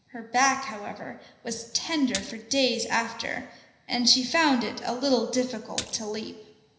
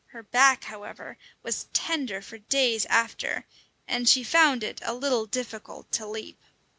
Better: second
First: background sound (Splash, splatter); 11 dB below the speech // room echo; dies away in 0.9 s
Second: none

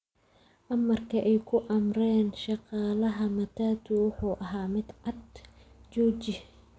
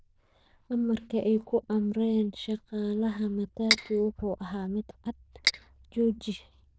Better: first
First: none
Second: noise reduction (neural diffusion model UNIVERSE++)

